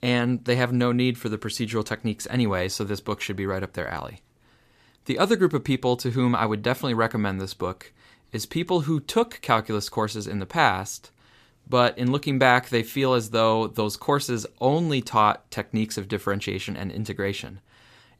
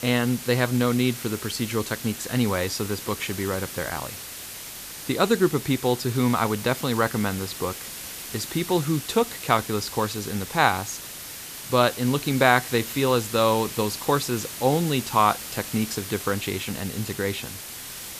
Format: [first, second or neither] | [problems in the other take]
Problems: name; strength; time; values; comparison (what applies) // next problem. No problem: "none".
first | hiss; loud; throughout; 10 dB below the speech